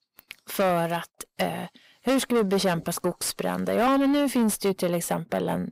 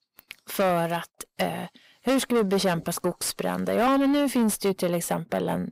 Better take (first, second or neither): neither